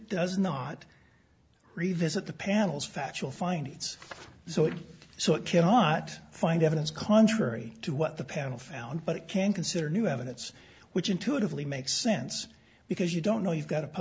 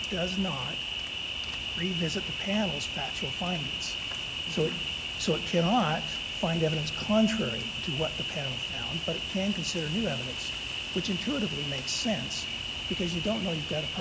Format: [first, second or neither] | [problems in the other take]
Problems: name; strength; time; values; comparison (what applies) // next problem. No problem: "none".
first | background sound (Cricket); 2 dB below the speech